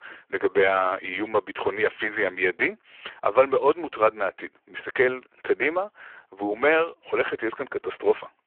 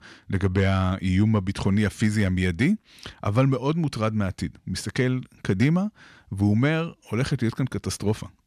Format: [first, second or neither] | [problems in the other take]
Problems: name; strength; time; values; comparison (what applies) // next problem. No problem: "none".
second | phone-call audio; poor line